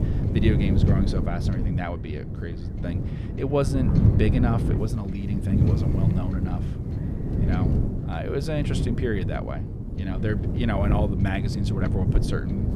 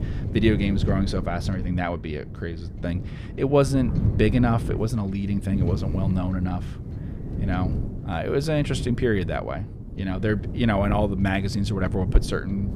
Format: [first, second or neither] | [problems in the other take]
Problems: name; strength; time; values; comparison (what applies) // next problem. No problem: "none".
second | wind noise on the microphone; heavy; 3 dB below the speech; occasional gusts in the second